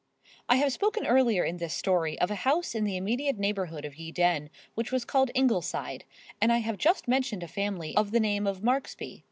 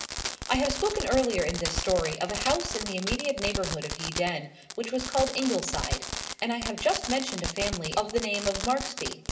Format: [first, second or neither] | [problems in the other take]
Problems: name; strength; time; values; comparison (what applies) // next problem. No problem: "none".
first | background sound (Fireworks); 5 dB below the speech // room echo; dies away in 0.6 s